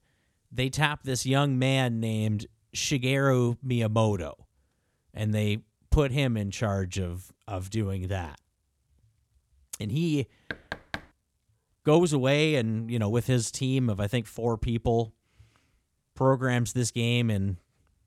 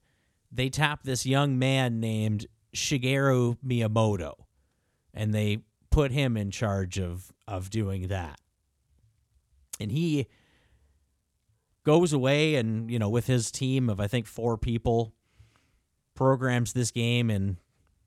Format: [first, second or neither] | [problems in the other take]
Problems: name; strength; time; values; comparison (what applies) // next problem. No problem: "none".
second | door banging; faint; at 11 s; peak 10 dB below the speech